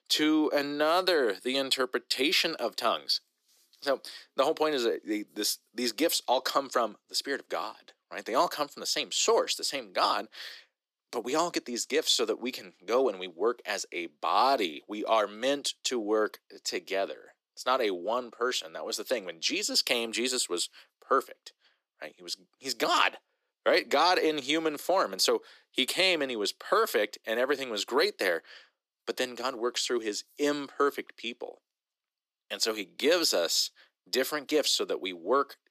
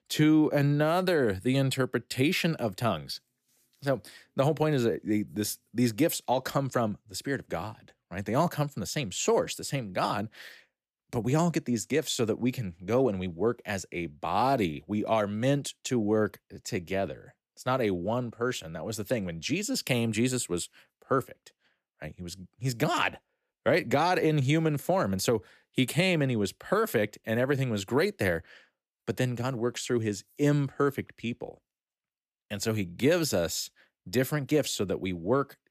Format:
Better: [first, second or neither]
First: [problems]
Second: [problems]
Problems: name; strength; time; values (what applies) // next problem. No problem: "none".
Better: second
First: thin; somewhat; fading below 300 Hz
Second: none